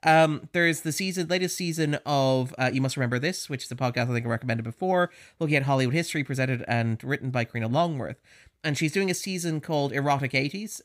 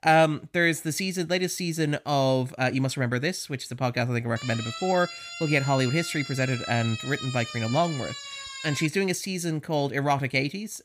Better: first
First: none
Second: siren; noticeable; from 4.5 to 9 s; peak 8 dB below the speech

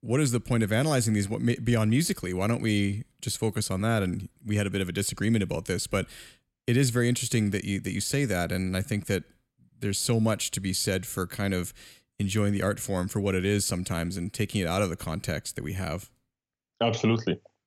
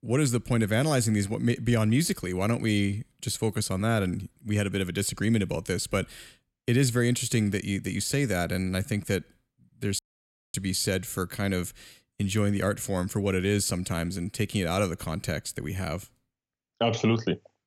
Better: first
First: none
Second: audio cutting out; at 10 s for 0.5 s

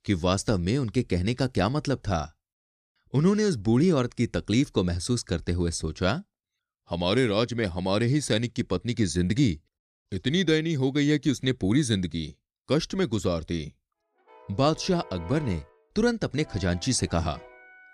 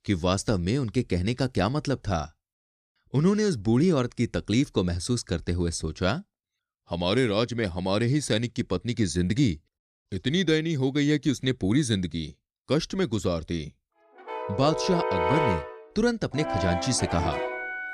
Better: first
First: background music; faint; from 14 s on; 20 dB below the speech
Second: background music; loud; from 14 s on; 3 dB below the speech

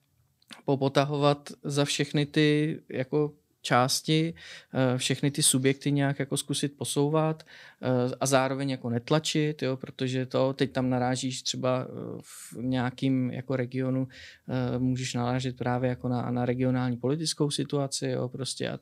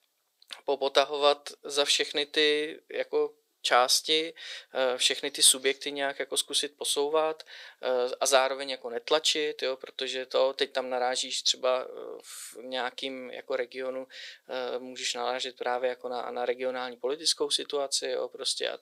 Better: first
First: none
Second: thin; very; fading below 450 Hz

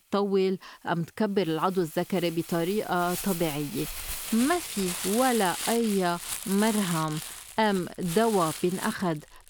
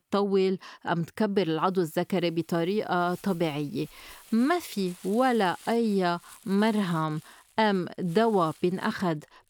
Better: second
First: household noises; loud; throughout; 7 dB below the speech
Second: household noises; faint; throughout; 25 dB below the speech

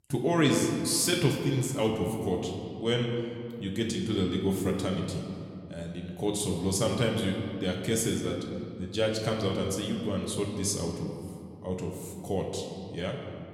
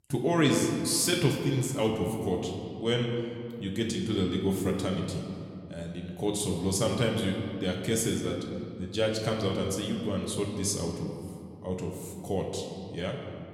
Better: neither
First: room echo; noticeable; dies away in 2.2 s // off-mic speech; somewhat distant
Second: room echo; noticeable; dies away in 2.2 s // off-mic speech; somewhat distant

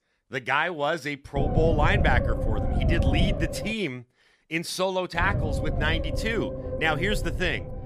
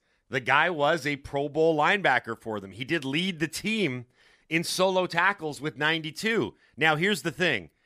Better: second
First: low rumble; loud; from 1.5 to 3.5 s and from 5 s on; 7 dB below the speech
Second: none

